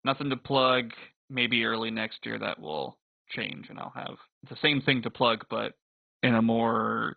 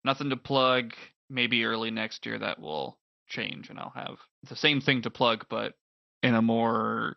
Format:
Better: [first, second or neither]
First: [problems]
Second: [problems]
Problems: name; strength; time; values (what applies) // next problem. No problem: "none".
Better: second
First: garbled, watery; badly; nothing above 4 kHz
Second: garbled, watery; slightly; nothing above 6 kHz